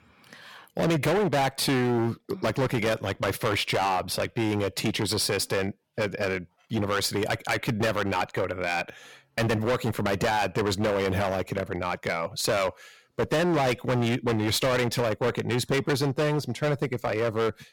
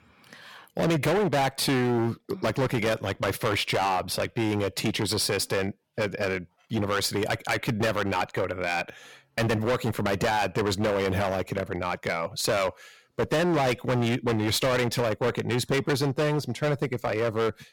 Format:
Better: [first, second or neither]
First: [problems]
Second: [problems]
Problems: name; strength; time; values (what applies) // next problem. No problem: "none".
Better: neither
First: distortion; heavy; 17% of the sound clipped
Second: distortion; heavy; 17% of the sound clipped